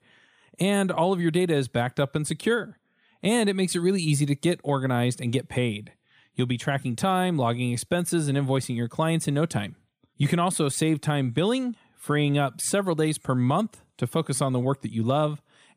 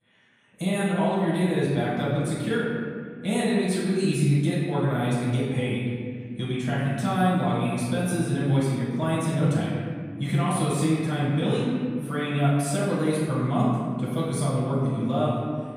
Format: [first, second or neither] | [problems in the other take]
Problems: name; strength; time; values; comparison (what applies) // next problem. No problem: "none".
first | off-mic speech; far // room echo; strong; dies away in 2 s